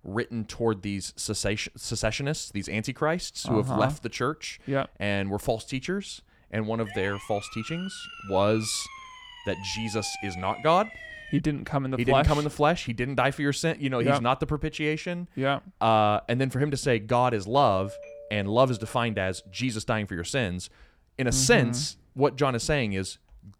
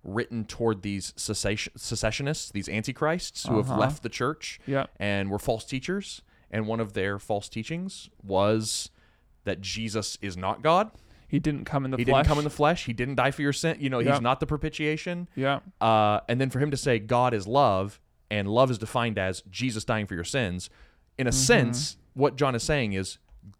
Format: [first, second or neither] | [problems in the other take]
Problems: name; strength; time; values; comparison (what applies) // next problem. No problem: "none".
second | siren; faint; from 7 to 11 s; peak 10 dB below the speech // doorbell; noticeable; from 18 to 19 s; peak 9 dB below the speech